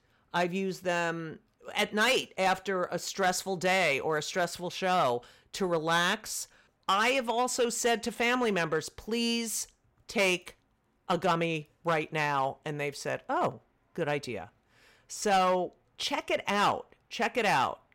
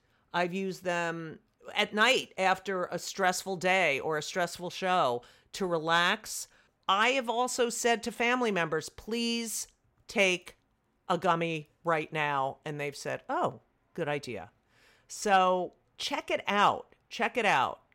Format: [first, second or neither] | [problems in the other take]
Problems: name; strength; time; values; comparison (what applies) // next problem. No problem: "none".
second | distortion; slight; 3% of the sound clipped